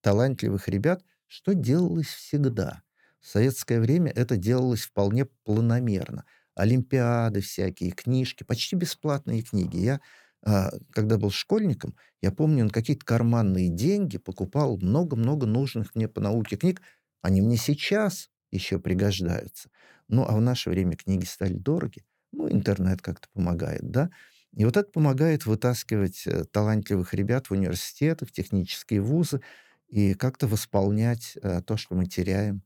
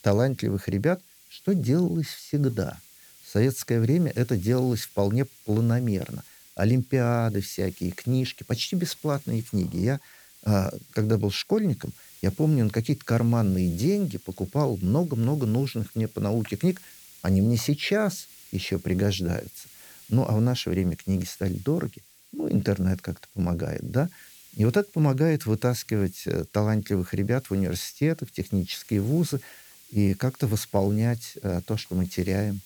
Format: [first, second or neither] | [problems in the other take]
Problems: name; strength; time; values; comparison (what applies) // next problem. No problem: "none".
first | hiss; faint; throughout; 20 dB below the speech